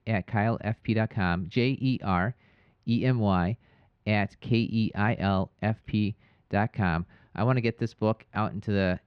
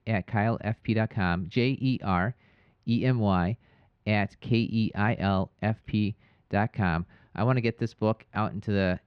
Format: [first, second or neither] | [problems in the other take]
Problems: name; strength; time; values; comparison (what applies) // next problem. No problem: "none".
neither | muffled; slightly; fading above 2.5 kHz; the same in both